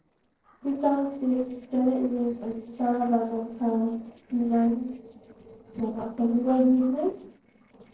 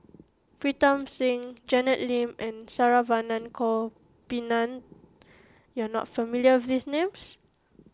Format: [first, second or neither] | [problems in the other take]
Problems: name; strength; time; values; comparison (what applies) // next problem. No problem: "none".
second | noise reduction (neural separator model SepFormer DNS4)